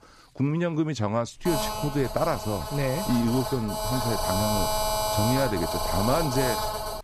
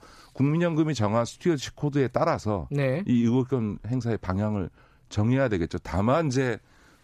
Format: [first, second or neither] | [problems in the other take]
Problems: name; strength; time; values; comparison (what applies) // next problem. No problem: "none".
second | phone ringing; loud; from 1.5 s on; peak 2 dB above the speech